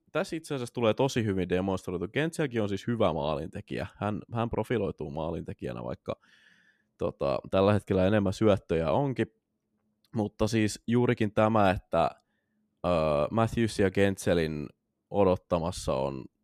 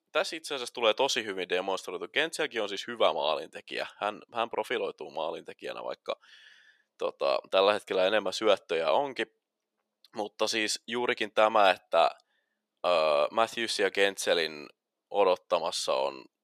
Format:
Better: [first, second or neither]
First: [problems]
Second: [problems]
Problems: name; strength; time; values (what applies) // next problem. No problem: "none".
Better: first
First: none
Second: thin; very; fading below 600 Hz